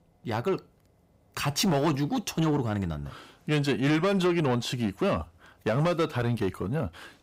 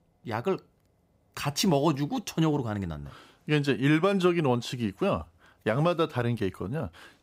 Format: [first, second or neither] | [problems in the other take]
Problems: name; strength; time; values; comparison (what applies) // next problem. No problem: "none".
second | distortion; slight; 10 dB below the speech